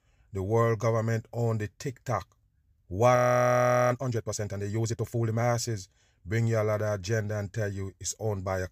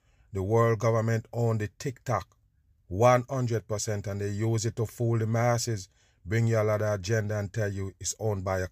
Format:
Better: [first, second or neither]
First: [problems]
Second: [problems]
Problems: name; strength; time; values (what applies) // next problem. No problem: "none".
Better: second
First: audio freezing; at 3 s for 1 s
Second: none